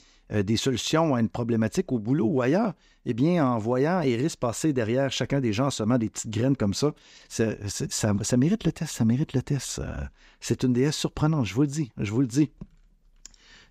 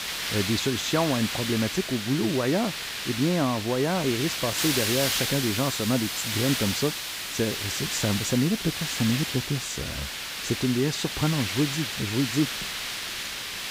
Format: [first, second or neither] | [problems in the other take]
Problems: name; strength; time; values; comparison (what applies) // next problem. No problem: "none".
first | hiss; loud; throughout; 2 dB below the speech